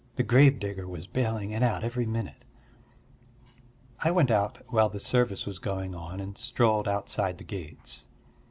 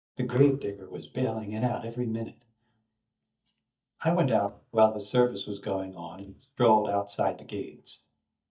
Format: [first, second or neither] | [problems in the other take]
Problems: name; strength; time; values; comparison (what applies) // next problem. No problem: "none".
first | noise reduction (neural mask model DeepFilterNet 3)